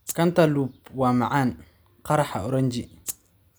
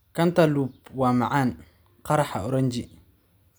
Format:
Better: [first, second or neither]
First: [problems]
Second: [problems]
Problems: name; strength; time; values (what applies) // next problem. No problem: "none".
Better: second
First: background sound (Rattle (instrument)); 12 dB below the speech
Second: none